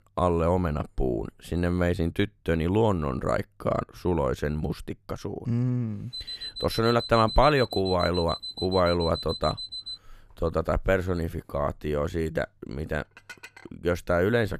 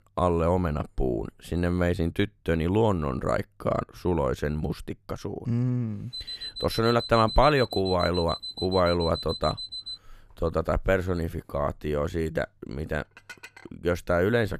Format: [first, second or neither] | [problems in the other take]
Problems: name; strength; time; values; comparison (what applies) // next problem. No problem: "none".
neither | alarm; noticeable; from 6 to 10 s; peak 7 dB below the speech; the same in both // clattering dishes; faint; at 13 s; peak 15 dB below the speech; the same in both